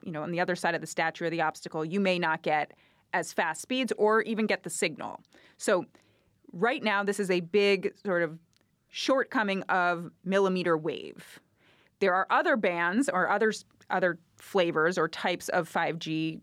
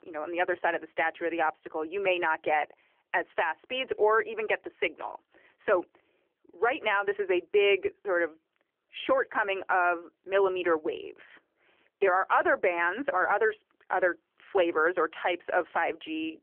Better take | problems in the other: first | phone-call audio; nothing above 3 kHz

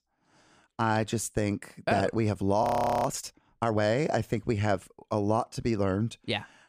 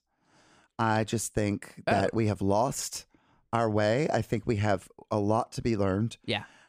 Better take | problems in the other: second | audio freezing; at 2.5 s

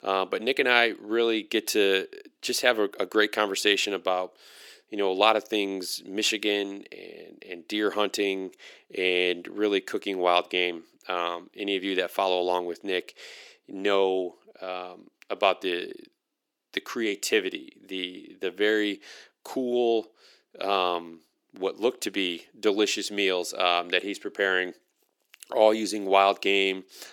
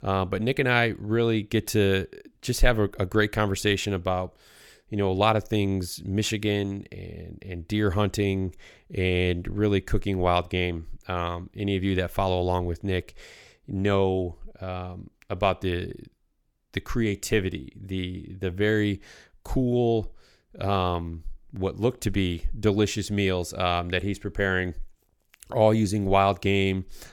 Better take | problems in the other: second | thin; somewhat; fading below 300 Hz

